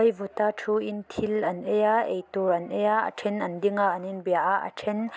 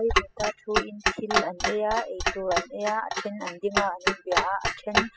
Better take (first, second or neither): first